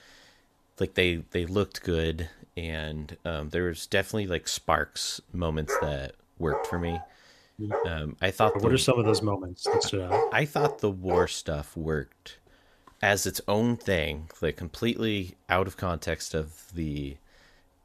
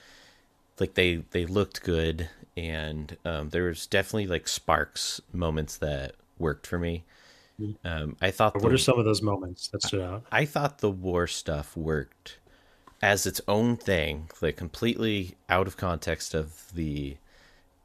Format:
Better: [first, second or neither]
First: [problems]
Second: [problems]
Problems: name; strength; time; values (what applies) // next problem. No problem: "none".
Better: second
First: dog barking; loud; from 5.5 to 11 s; peak 2 dB above the speech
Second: none